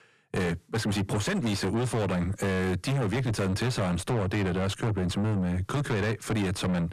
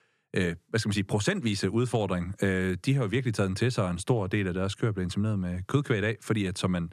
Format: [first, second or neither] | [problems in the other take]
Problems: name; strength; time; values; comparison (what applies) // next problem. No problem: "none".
second | distortion; heavy; 5 dB below the speech